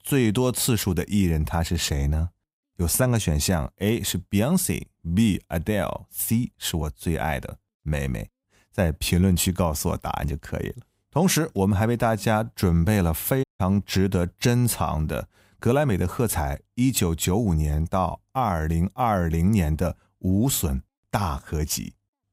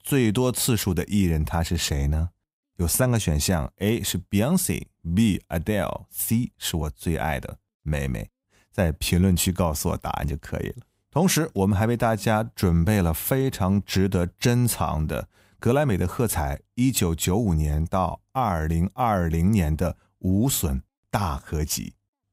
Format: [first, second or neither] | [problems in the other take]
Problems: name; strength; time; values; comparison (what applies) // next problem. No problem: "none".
second | audio cutting out; at 13 s